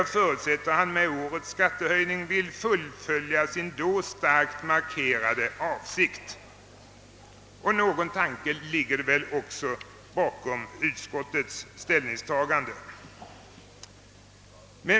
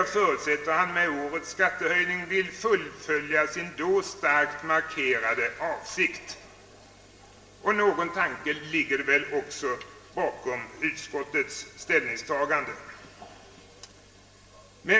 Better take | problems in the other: first | room echo; dies away in 0.8 s

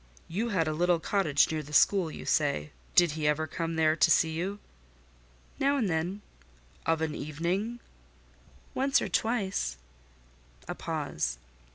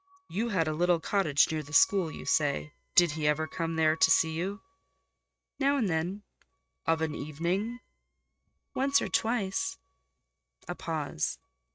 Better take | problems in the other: first | noise reduction (neural mask model RNNoise)

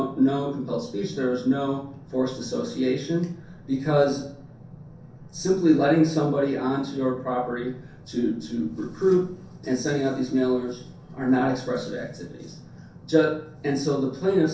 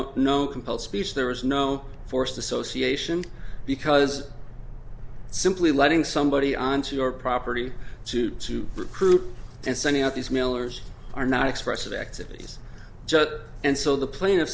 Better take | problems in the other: second | room echo; dies away in 0.6 s

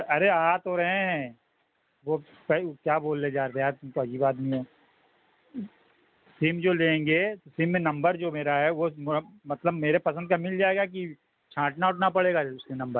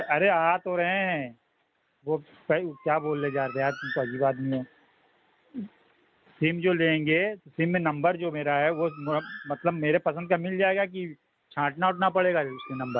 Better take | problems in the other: first | background sound (Bird); 20 dB below the speech

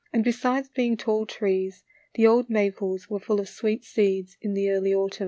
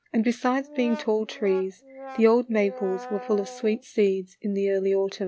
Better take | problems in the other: first | background sound (Brass instrument); 15 dB below the speech

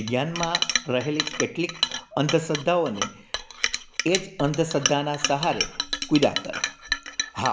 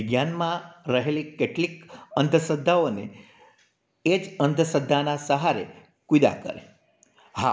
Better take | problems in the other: second | background sound (Chink, clink); 4 dB below the speech

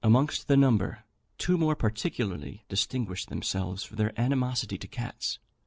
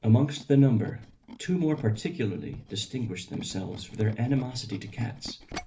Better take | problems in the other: first | background sound (Tools); 19 dB below the speech // room echo; dies away in 0.3 s

